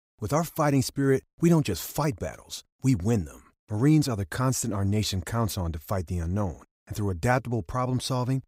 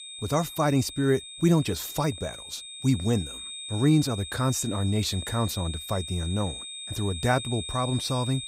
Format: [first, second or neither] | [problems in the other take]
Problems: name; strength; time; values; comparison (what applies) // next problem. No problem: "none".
first | high-pitched whine; loud; throughout; 3.5 kHz, 9 dB below the speech